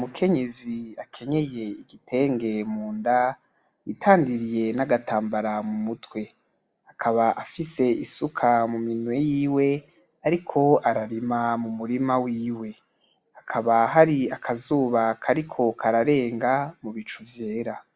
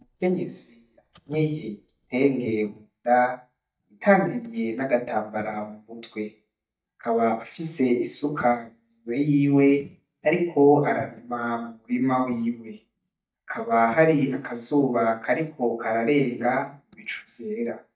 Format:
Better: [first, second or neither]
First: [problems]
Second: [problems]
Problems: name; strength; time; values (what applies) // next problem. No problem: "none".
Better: first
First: none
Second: noise reduction (neural mask model DeepFilterNet 3)